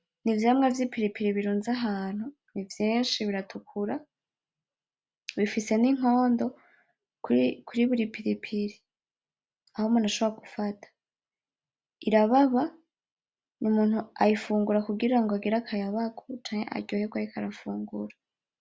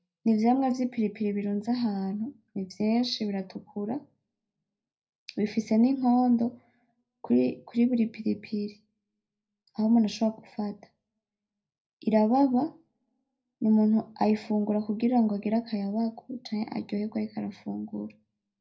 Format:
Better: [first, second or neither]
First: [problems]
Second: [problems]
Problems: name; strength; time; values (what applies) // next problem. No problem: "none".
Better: first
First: none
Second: room echo; dies away in 0.4 s